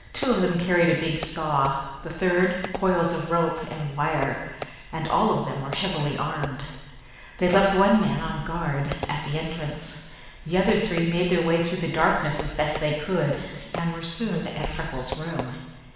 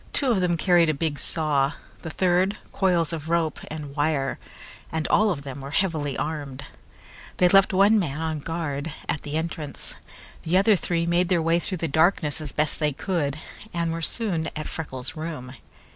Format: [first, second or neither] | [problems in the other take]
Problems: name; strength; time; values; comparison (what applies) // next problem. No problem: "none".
second | background sound (Fireworks); 16 dB below the speech // room echo; dies away in 1.1 s